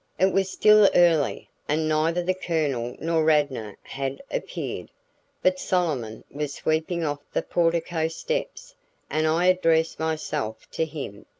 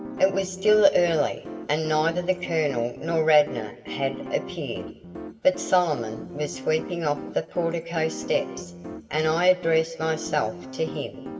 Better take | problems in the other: first | background sound (Piano); 12 dB below the speech // room echo; dies away in 1.3 s

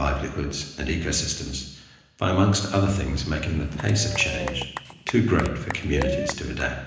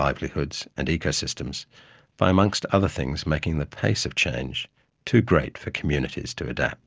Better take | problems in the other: second | background sound (Applause / Cheering / Clapping); 8 dB below the speech // room echo; dies away in 1 s

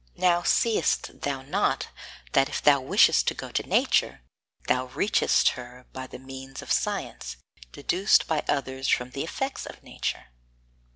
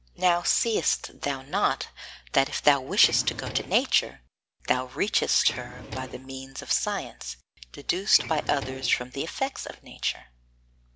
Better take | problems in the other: first | background sound (Drawer open or close); 12 dB below the speech

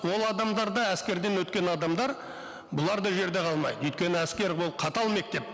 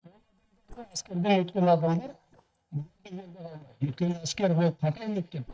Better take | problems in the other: first | noise reduction (neural mask model DeepFilterNet 3)

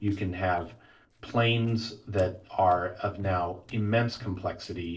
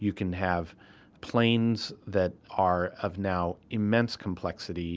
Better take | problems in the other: second | noise reduction (neural separator model SepFormer DNS4)

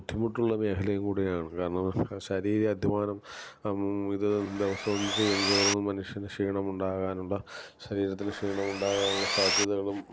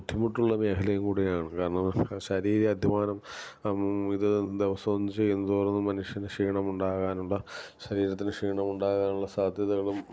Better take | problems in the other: second | background sound (Sawing); 1 dB below the speech

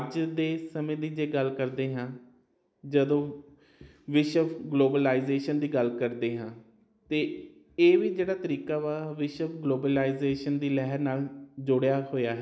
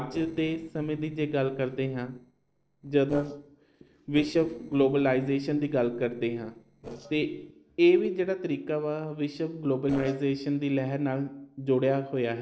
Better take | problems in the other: first | noise reduction (neural separator model SepFormer DNS4)

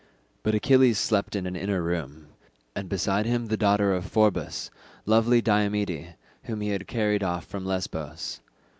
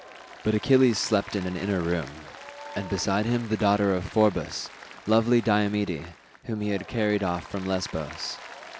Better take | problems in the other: first | background sound (Applause); 17 dB below the speech

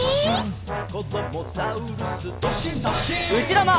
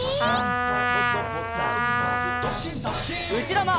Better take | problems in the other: first | background sound (Trumpet); 1 dB above the speech

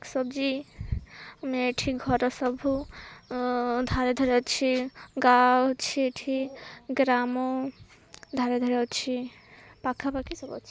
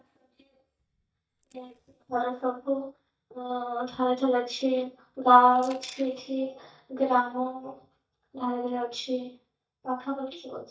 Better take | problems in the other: first | noise reduction (neural mask model DeepFilterNet 3)

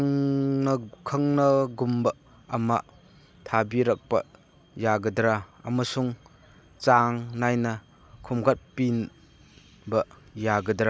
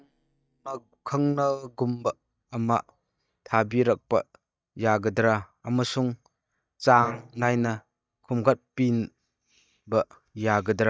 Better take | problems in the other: first | noise reduction (neural mask model DeepFilterNet 3)

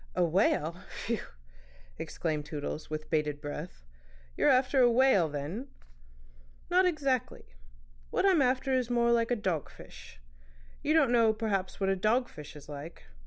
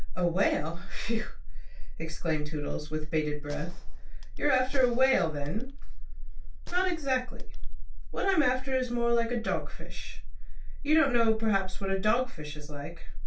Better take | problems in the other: first | background sound (Gunshot, gunfire); 19 dB below the speech // room echo; dies away in 0.2 s

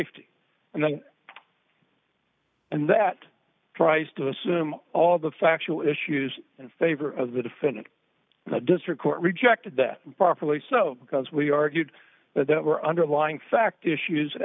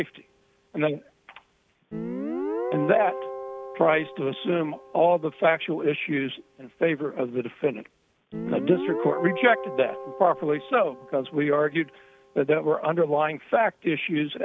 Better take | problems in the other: first | background sound (Guitar); 11 dB below the speech

